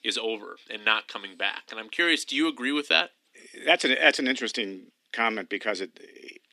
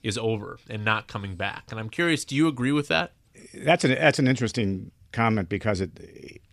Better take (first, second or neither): second